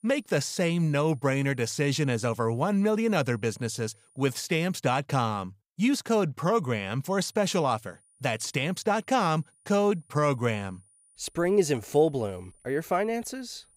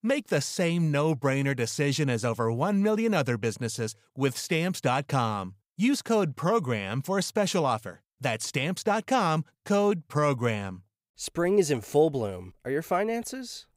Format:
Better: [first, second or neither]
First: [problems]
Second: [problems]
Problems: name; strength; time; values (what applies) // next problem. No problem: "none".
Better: second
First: high-pitched whine; faint; until 4.5 s and from 7 s on; 9.5 kHz, 35 dB below the speech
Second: none